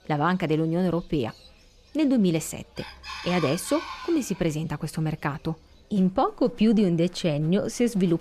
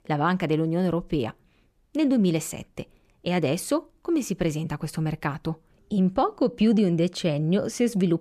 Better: second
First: animal sounds; noticeable; throughout; 15 dB below the speech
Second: none

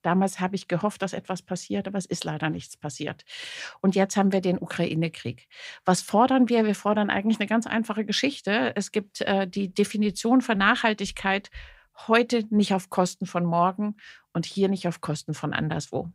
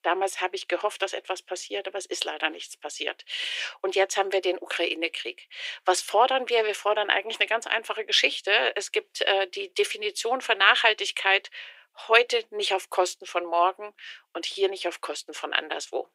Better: first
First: none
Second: thin; very; fading below 350 Hz

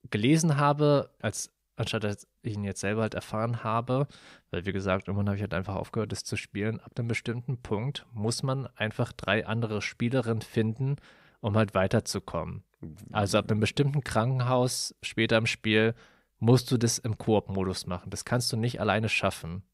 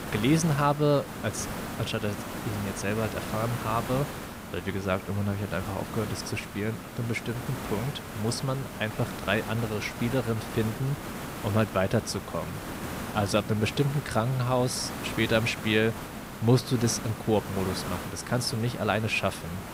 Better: first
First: none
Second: hiss; loud; throughout; 8 dB below the speech

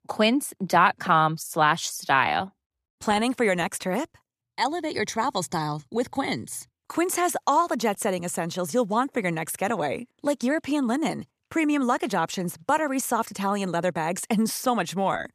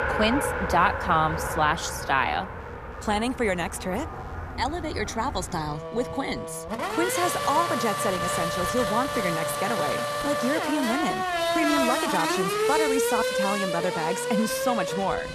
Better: first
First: none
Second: traffic noise; loud; throughout; 1 dB below the speech

